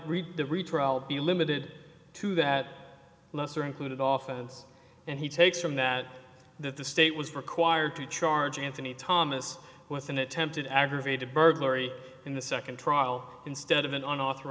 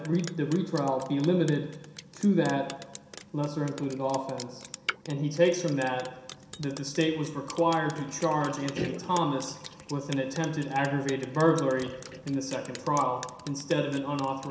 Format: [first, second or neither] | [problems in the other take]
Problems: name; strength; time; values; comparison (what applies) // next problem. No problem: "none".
first | background sound (Drip); 15 dB below the speech // room echo; dies away in 0.7 s